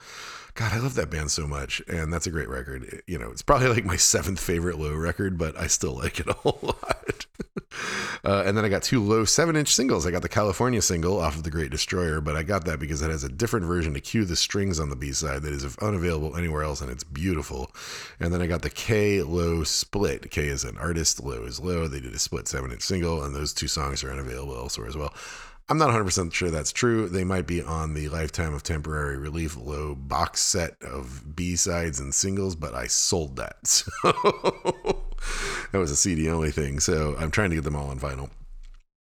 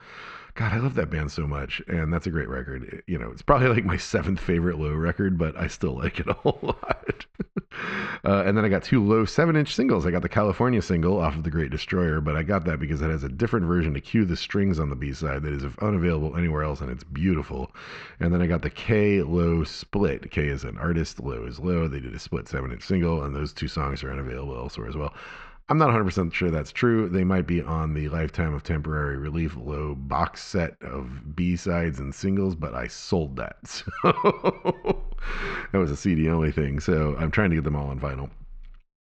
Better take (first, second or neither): first